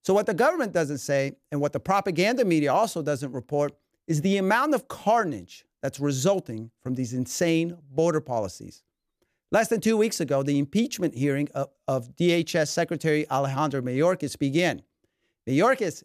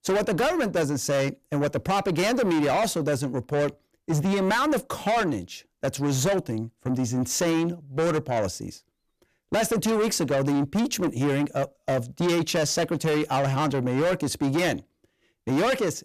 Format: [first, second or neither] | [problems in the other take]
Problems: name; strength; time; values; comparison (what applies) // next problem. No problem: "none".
first | distortion; heavy; 7 dB below the speech